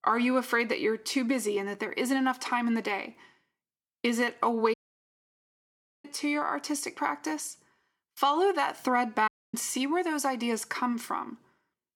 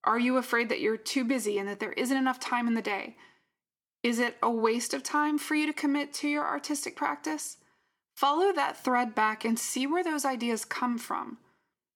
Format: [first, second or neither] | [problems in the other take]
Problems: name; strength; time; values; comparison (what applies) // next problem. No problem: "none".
second | audio cutting out; at 4.5 s for 1.5 s and at 9.5 s